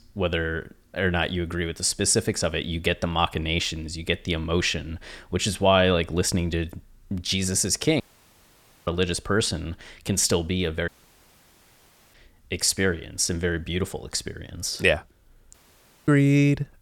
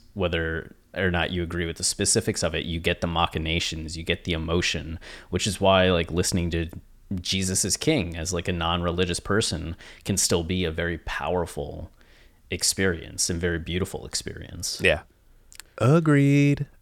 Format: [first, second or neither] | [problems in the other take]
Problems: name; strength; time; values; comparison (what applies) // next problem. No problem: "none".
second | audio cutting out; at 8 s for 1 s, at 11 s for 1.5 s and at 16 s for 0.5 s